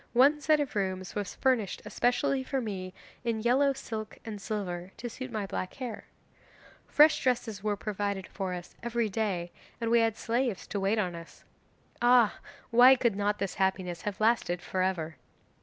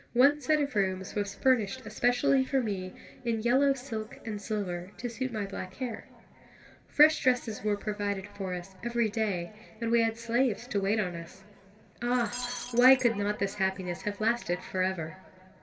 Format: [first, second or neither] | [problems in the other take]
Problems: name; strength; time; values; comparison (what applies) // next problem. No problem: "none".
first | background sound (Shatter); 11 dB below the speech // room echo; dies away in 2.3 s